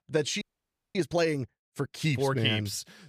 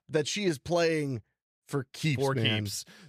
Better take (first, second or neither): second